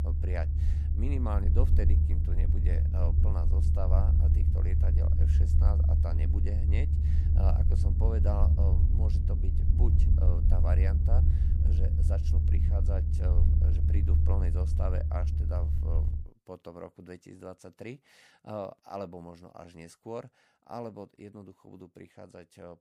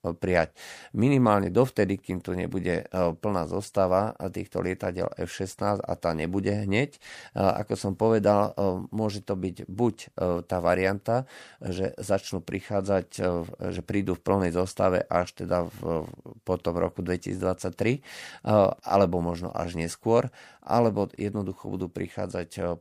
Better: second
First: low rumble; loud; until 16 s; 1 dB below the speech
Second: none

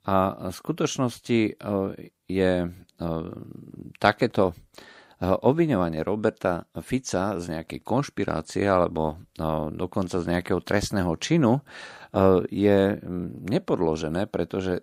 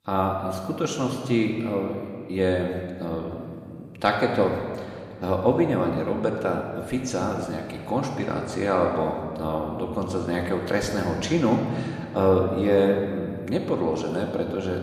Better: first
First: none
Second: room echo; noticeable; dies away in 1.7 s // off-mic speech; somewhat distant

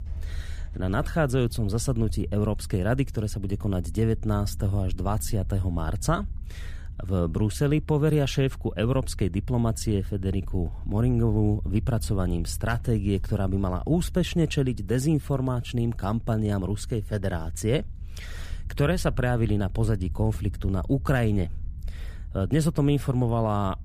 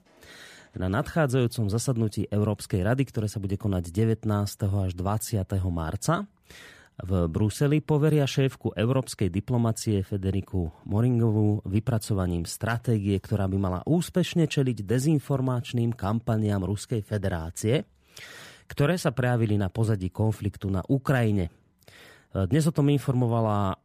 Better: second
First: low rumble; faint; throughout; 25 dB below the speech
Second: none

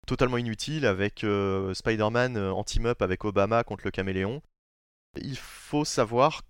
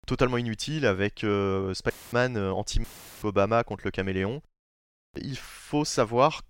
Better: first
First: none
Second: audio cutting out; filled with static; at 2 s and at 3 s

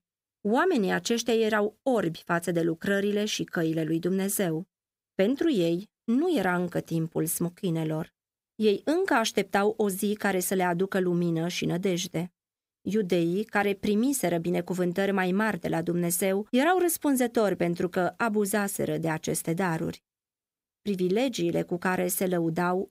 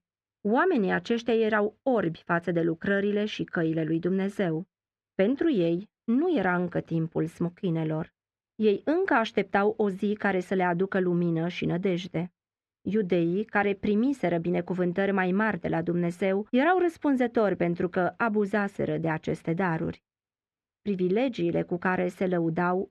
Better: first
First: none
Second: muffled; very; fading above 2 kHz

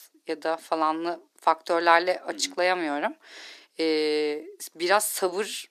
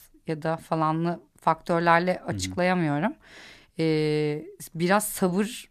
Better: second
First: thin; very; fading below 300 Hz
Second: none

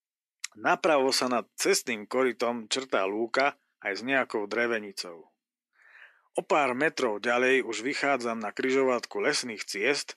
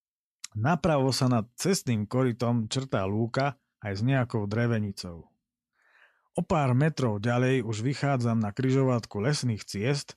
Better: second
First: thin; somewhat; fading below 300 Hz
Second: none

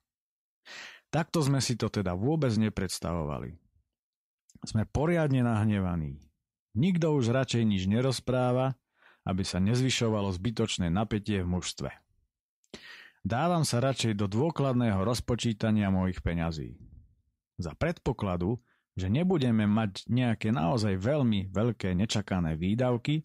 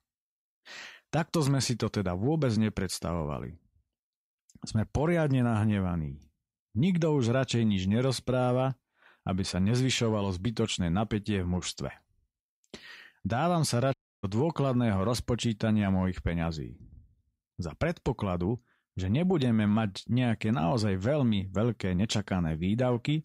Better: first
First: none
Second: audio cutting out; at 14 s

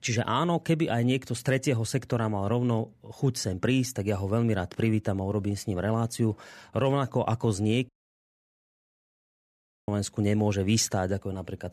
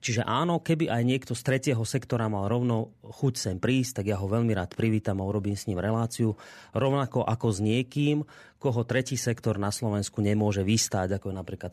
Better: second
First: audio cutting out; at 8 s for 2 s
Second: none

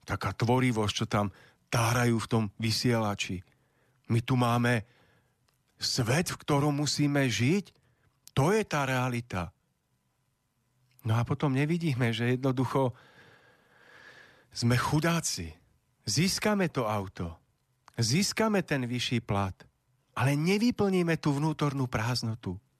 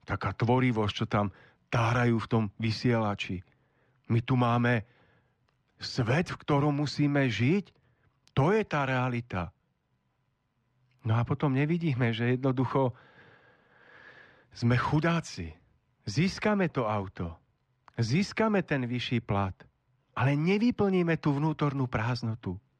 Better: first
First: none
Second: muffled; slightly; fading above 3 kHz

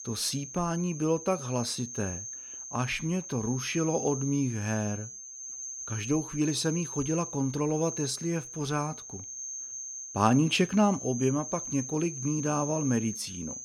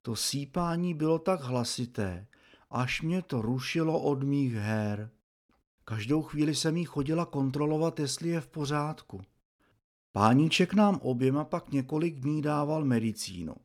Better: second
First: high-pitched whine; loud; throughout; 6.5 kHz, 8 dB below the speech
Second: none

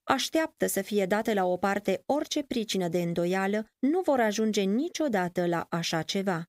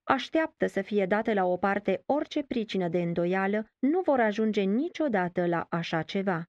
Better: first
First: none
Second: muffled; slightly; fading above 2.5 kHz

